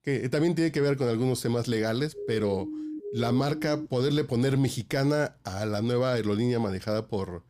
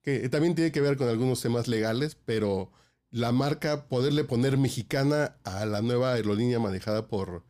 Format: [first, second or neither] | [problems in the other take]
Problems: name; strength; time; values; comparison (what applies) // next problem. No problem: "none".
second | siren; noticeable; from 2 to 4 s; peak 8 dB below the speech